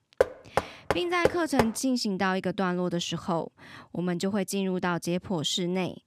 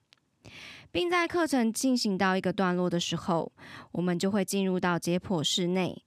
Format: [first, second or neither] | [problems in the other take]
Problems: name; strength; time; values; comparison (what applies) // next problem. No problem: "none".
second | door banging; loud; until 1.5 s; peak 2 dB above the speech